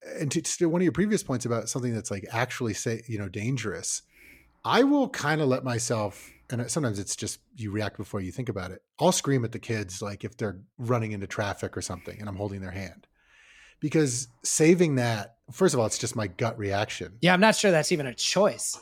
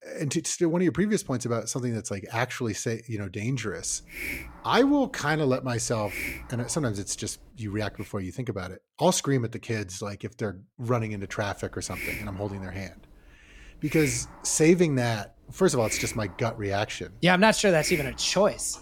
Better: first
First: hiss; faint; from 3.5 to 8 s and from 11 s on; 30 dB below the speech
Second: hiss; loud; from 3.5 to 8 s and from 11 s on; 10 dB below the speech

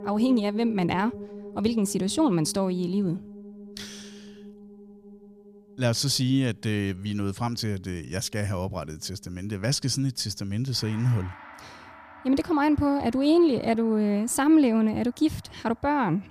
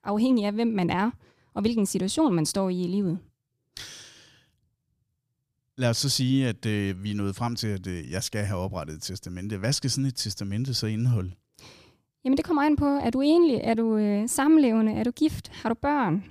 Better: second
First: background music; noticeable; throughout; 20 dB below the speech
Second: none

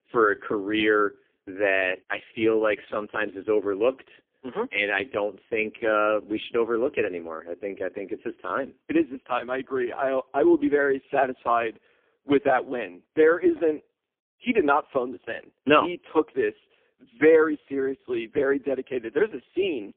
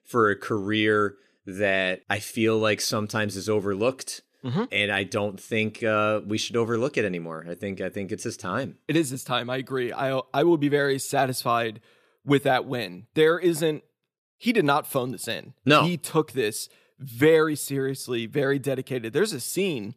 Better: second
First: phone-call audio; poor line; nothing above 3 kHz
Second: none

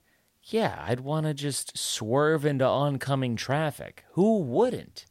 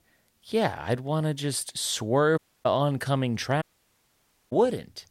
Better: first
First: none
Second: audio cutting out; at 2.5 s and at 3.5 s for 1 s

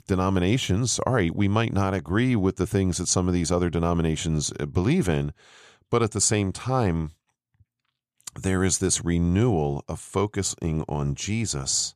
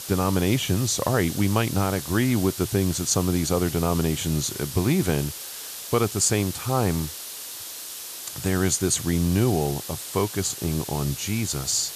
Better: first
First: none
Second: hiss; loud; throughout; 9 dB below the speech

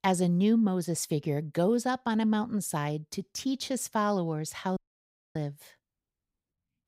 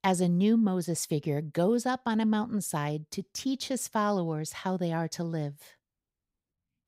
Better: second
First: audio cutting out; at 5 s for 0.5 s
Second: none

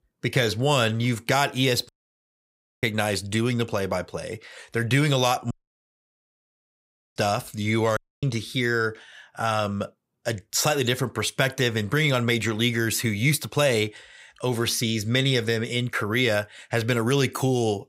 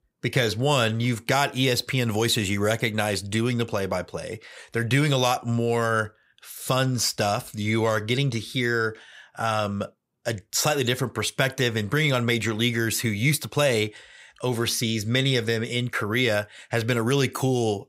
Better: second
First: audio cutting out; at 2 s for 1 s, at 5.5 s for 1.5 s and at 8 s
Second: none

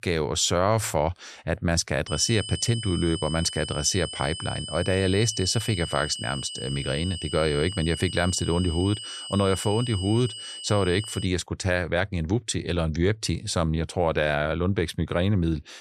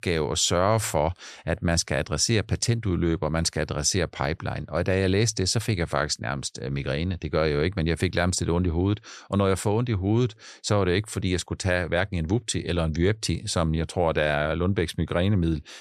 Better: second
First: high-pitched whine; loud; from 2 to 11 s; 3 kHz, 9 dB below the speech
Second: none

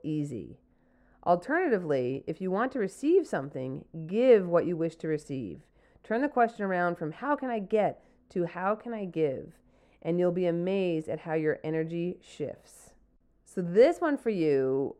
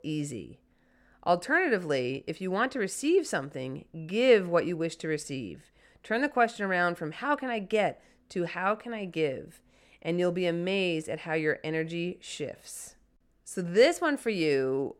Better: second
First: muffled; slightly; fading above 1.5 kHz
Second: none

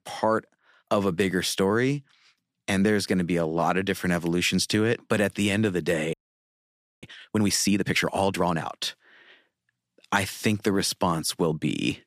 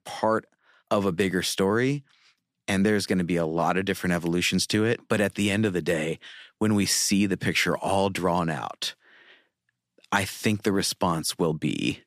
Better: second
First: audio freezing; at 6 s for 1 s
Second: none

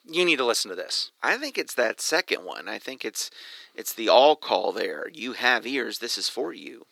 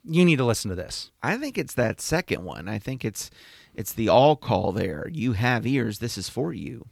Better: second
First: thin; very; fading below 350 Hz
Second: none

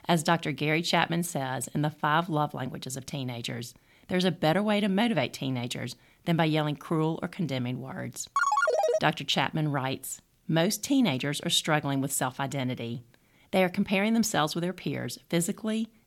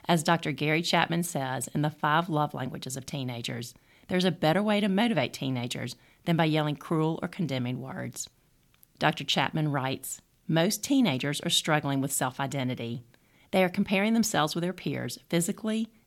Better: second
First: phone ringing; loud; at 8.5 s; peak 4 dB above the speech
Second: none

